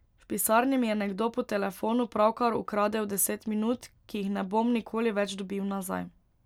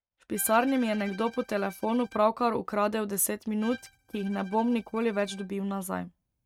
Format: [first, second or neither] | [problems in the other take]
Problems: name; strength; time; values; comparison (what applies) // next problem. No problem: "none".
first | noise reduction (neural mask model RNNoise)